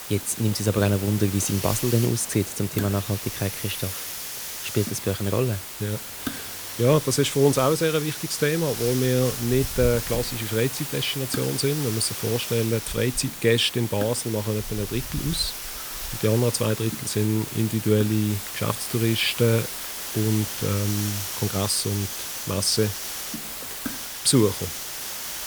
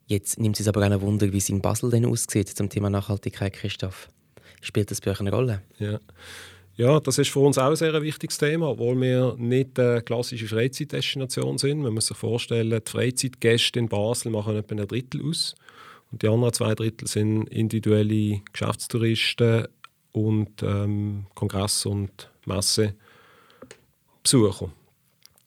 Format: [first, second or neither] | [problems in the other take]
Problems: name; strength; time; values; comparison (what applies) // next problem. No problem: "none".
second | hiss; loud; throughout; 6 dB below the speech